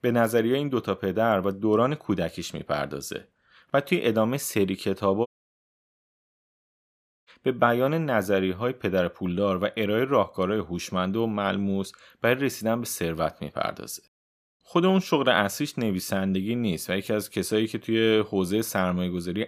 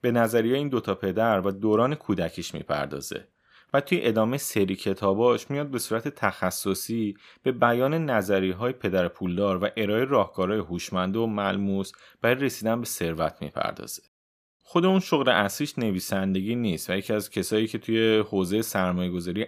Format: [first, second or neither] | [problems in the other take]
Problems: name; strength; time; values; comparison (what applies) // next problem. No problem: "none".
second | audio cutting out; at 5.5 s for 2 s